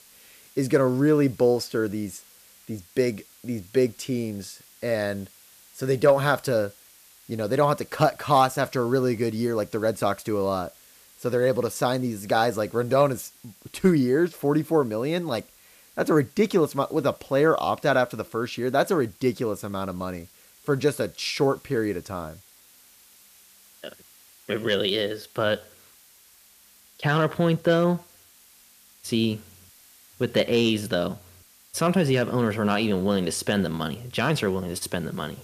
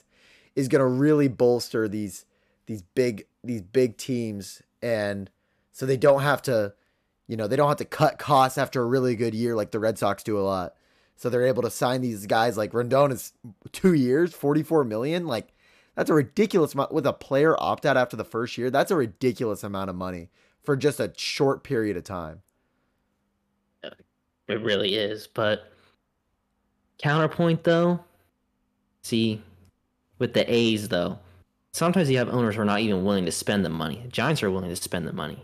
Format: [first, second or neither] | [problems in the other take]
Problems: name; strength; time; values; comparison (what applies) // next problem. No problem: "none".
second | hiss; faint; throughout; 25 dB below the speech